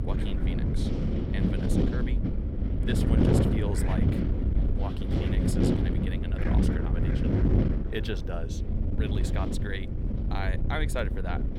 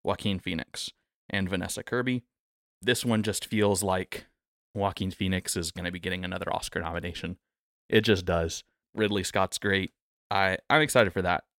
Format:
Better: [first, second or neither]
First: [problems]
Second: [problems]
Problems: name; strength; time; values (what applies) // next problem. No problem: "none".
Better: second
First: wind noise on the microphone; heavy; 3 dB above the speech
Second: none